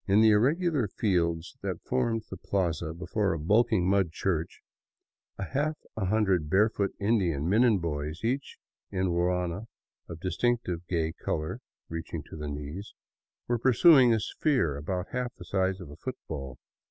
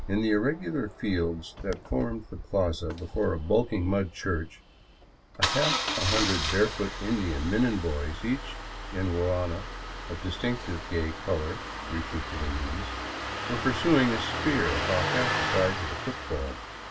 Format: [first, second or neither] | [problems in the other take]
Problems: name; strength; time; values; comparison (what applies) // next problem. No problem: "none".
first | background sound (Engine starting); 5 dB below the speech // room echo; dies away in 0.1 s